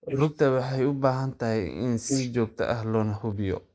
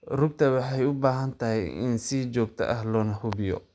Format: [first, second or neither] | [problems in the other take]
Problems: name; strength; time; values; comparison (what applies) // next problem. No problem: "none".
second | noise reduction (neural mask model Resemble Enhance denoiser)